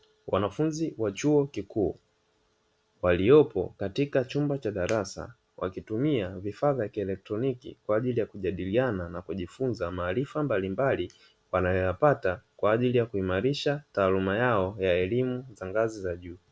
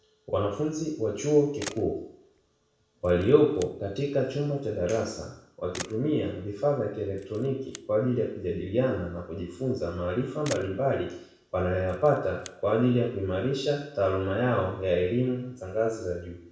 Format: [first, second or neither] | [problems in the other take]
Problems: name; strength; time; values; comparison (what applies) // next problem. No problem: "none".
first | background sound (Camera); 20 dB below the speech // room echo; dies away in 0.6 s